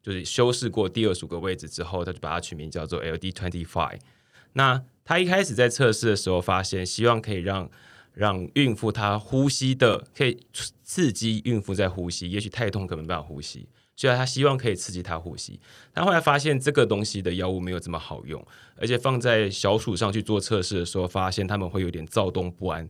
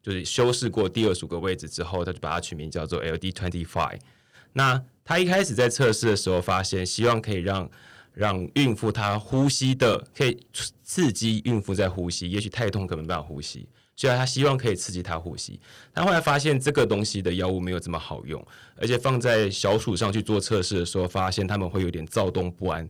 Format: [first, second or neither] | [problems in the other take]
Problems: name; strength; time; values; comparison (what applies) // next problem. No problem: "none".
first | distortion; slight; 3% of the sound clipped